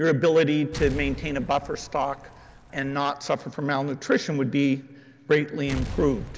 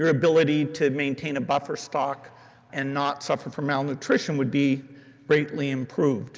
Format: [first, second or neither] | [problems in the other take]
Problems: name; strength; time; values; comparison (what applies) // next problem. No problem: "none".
second | background sound (Explosion); 13 dB below the speech